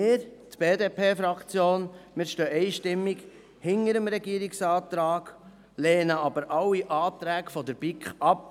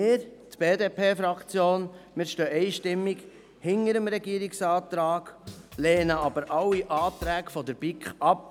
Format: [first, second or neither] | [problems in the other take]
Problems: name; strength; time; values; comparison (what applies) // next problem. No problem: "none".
first | background sound (Drum kit); 16 dB below the speech